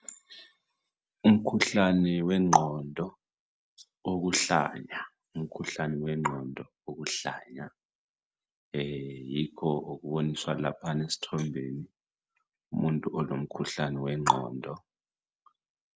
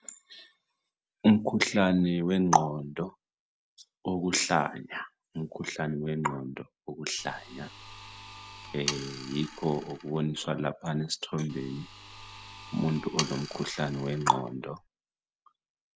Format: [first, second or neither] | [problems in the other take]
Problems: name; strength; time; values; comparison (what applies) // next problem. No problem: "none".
first | background sound (Sawing); 12 dB below the speech